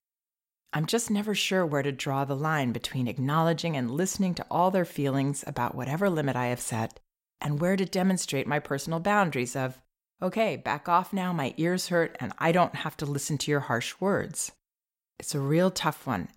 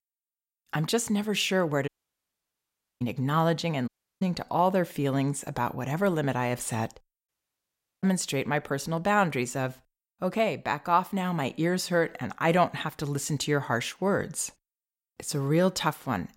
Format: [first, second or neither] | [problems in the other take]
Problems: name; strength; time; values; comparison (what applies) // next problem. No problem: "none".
first | audio cutting out; at 2 s for 1 s, at 4 s and at 7.5 s for 0.5 s